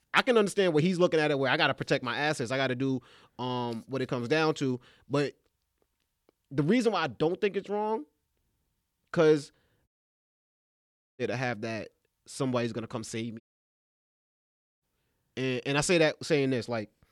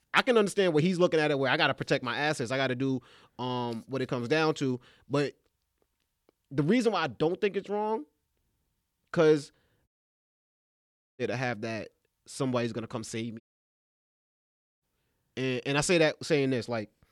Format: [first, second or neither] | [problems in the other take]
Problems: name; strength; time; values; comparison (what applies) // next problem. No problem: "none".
neither | audio cutting out; at 10 s for 1.5 s and at 13 s for 1.5 s; the same in both